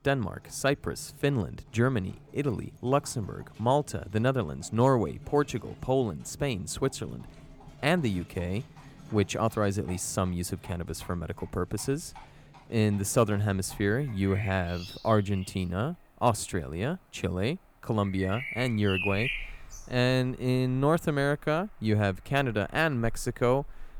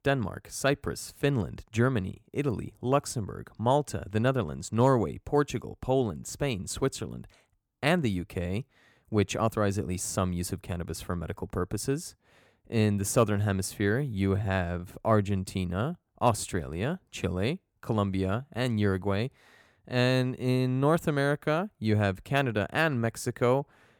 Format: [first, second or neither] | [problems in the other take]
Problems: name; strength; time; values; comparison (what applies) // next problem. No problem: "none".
second | animal sounds; noticeable; throughout; 15 dB below the speech